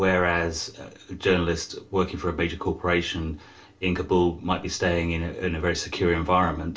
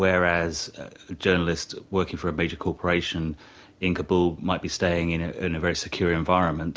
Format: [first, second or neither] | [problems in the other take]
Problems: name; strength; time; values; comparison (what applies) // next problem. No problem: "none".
second | room echo; dies away in 0.2 s